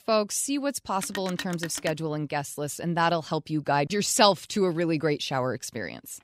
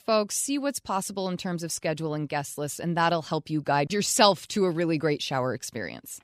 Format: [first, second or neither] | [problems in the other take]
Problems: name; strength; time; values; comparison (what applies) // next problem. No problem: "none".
second | phone ringing; noticeable; at 1 s; peak 10 dB below the speech